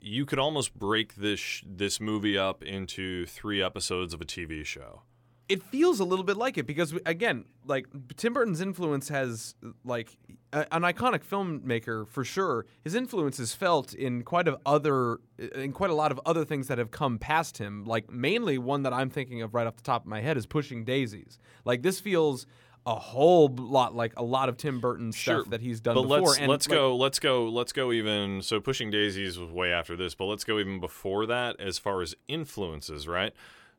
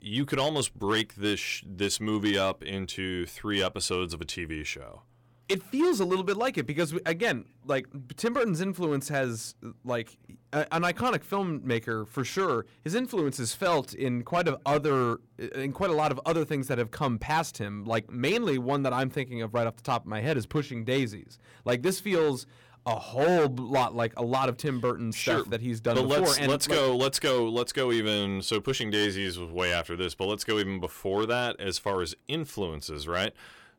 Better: first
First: none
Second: distortion; slight; 5% of the sound clipped

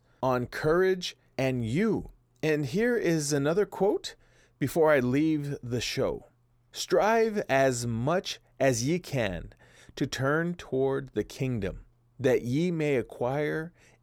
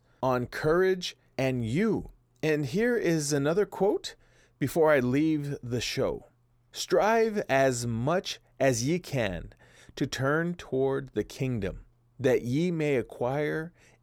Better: neither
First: none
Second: none

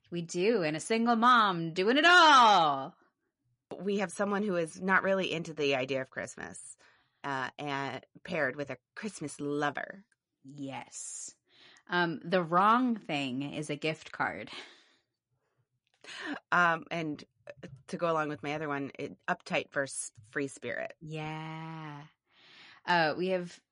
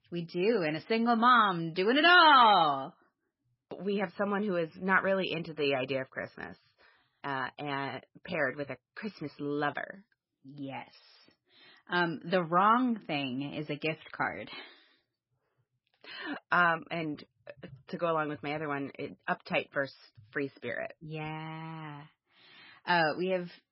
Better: first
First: garbled, watery; slightly; nothing above 10.5 kHz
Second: garbled, watery; badly

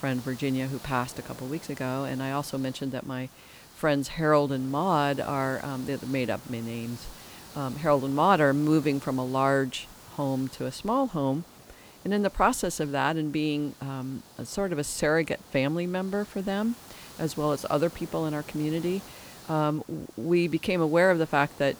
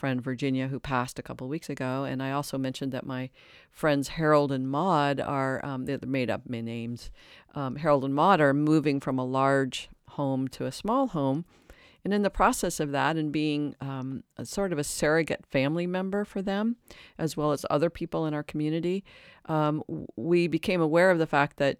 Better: second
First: hiss; noticeable; throughout; 20 dB below the speech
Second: none

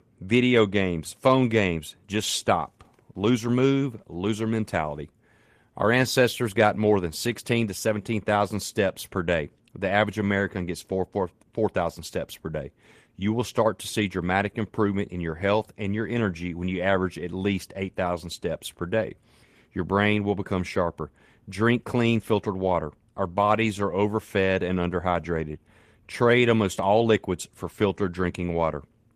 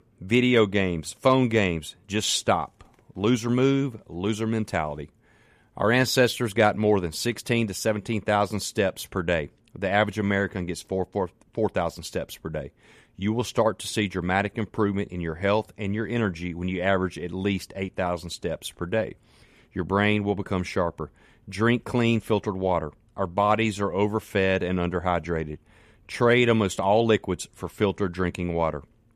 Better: second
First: garbled, watery; slightly; nothing above 14.5 kHz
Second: none

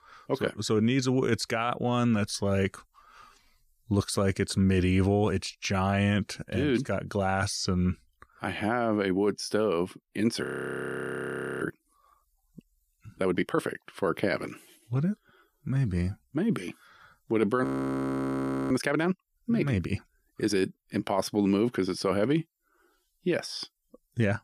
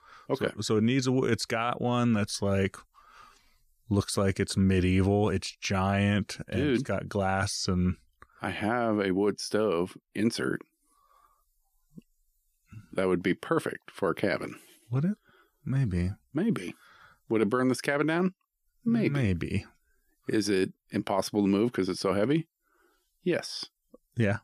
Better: second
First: audio freezing; at 10 s for 1 s and at 18 s for 1 s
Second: none

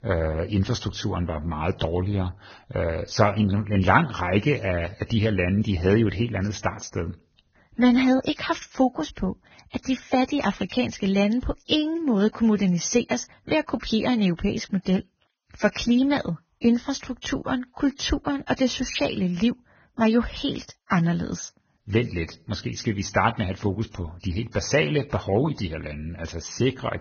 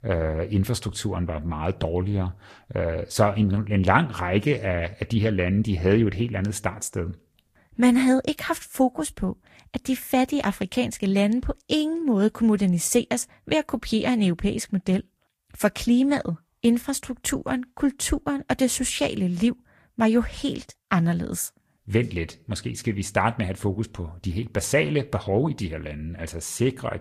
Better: second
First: garbled, watery; badly; nothing above 6.5 kHz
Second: garbled, watery; slightly; nothing above 15 kHz

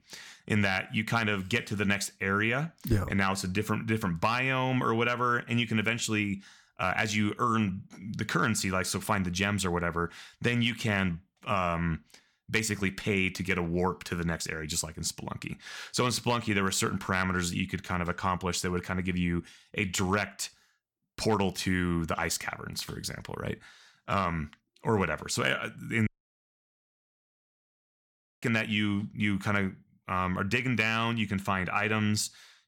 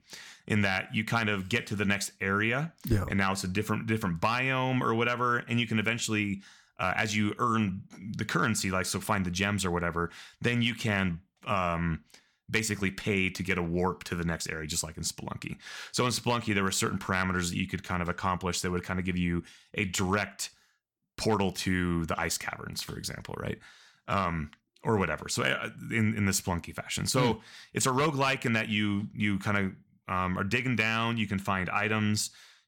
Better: second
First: audio cutting out; at 26 s for 2.5 s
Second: none

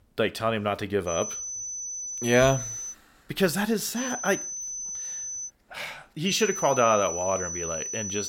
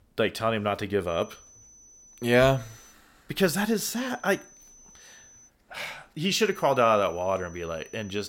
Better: second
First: high-pitched whine; loud; from 1 to 3 s, from 4 to 5.5 s and from 6.5 s on; 6 kHz, 5 dB below the speech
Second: high-pitched whine; faint; from 1 to 3 s, from 4 to 5.5 s and from 6.5 s on; 6 kHz, 25 dB below the speech

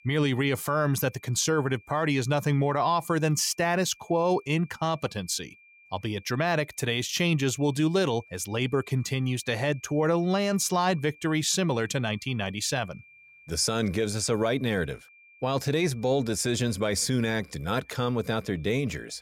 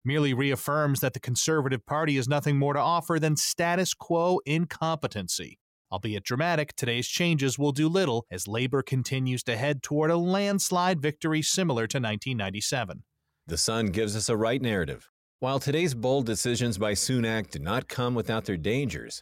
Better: second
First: high-pitched whine; faint; throughout; 2.5 kHz, 25 dB below the speech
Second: none

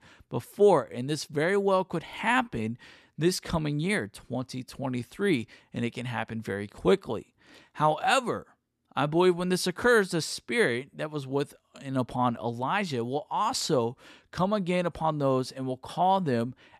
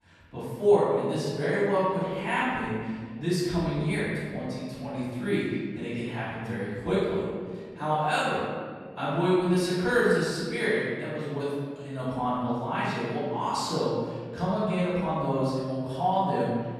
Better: first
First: none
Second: off-mic speech; far // room echo; strong; dies away in 1.8 s

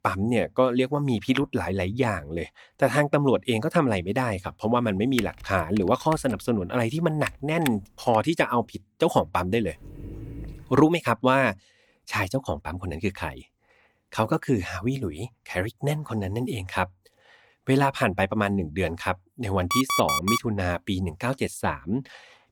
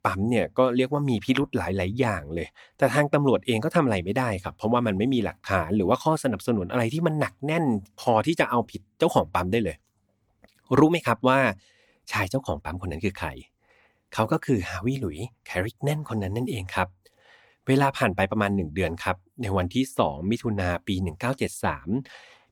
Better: second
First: keyboard typing; noticeable; from 5 to 8 s; peak 9 dB below the speech // dog barking; faint; from 9.5 to 11 s; peak 15 dB below the speech // alarm; loud; at 20 s; peak 1 dB above the speech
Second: none

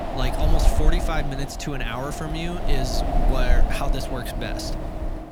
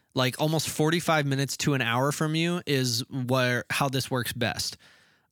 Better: second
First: wind noise on the microphone; heavy; 1 dB below the speech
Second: none

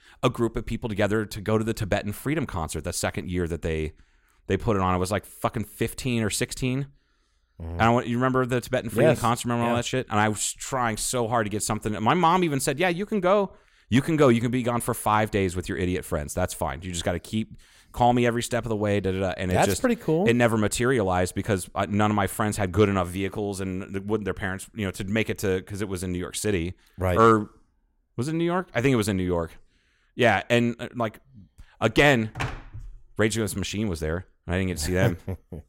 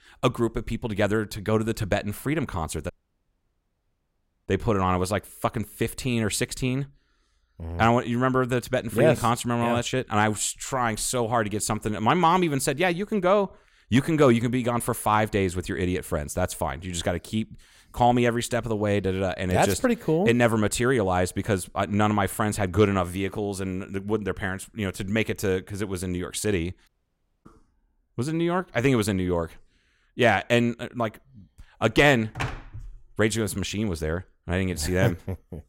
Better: first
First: none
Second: audio cutting out; at 3 s for 1.5 s and at 27 s for 0.5 s

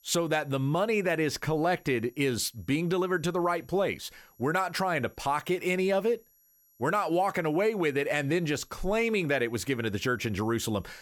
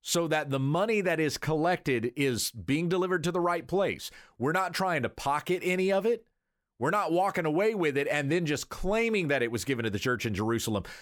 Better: second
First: high-pitched whine; faint; throughout; 11.5 kHz, 30 dB below the speech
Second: none

